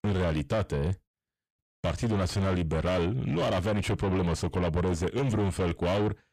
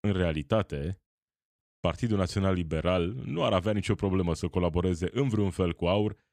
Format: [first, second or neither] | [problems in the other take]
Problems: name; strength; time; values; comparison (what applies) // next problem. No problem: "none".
second | distortion; heavy; 6 dB below the speech